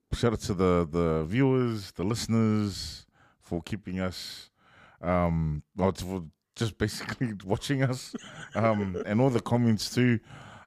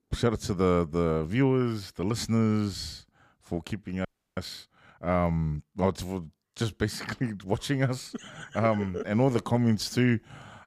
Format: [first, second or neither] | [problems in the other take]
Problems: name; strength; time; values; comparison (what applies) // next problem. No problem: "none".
first | audio freezing; at 4 s